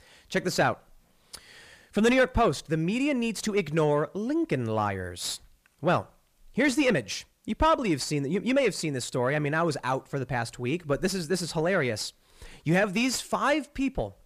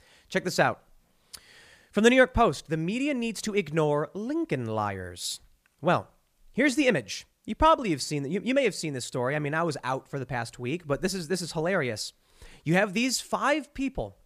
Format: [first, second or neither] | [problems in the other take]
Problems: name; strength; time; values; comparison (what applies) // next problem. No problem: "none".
second | distortion; slight; 10 dB below the speech